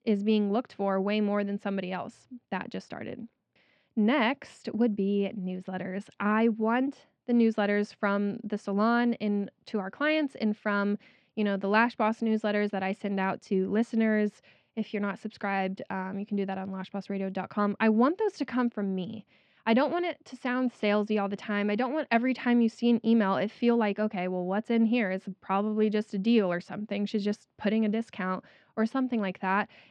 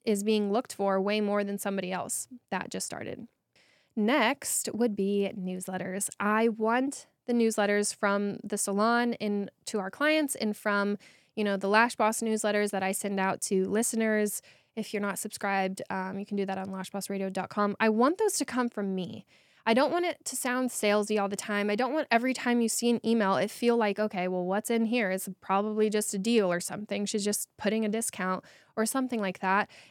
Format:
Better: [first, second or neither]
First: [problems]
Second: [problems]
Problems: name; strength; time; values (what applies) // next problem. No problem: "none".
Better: second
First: muffled; slightly; fading above 4 kHz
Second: none